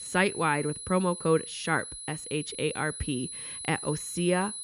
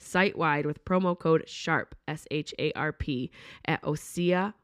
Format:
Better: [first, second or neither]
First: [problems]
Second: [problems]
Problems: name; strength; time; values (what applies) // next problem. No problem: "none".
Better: second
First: high-pitched whine; loud; throughout; 10 kHz, 8 dB below the speech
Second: none